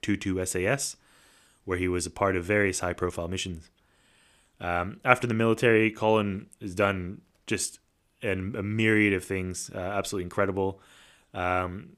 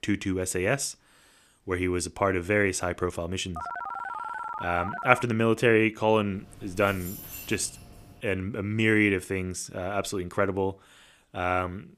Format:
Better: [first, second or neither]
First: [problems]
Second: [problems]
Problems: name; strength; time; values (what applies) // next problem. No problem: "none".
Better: first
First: none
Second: phone ringing; noticeable; from 3.5 to 5 s; peak 7 dB below the speech // jangling keys; faint; from 6.5 to 8 s; peak 10 dB below the speech